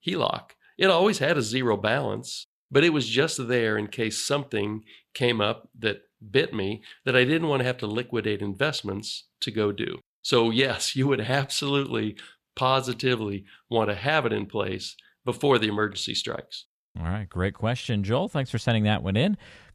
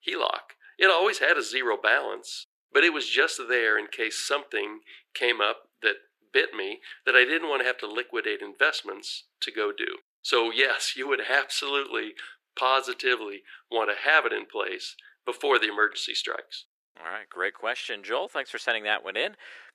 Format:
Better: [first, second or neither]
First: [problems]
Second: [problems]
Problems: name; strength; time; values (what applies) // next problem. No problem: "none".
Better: first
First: none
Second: thin; very; fading below 350 Hz